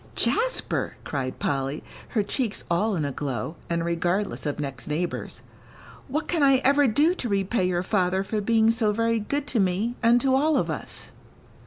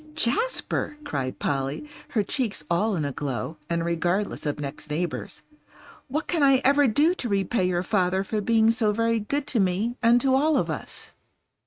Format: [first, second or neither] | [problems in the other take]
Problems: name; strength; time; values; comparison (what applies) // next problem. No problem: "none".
first | noise reduction (neural mask model RNNoise)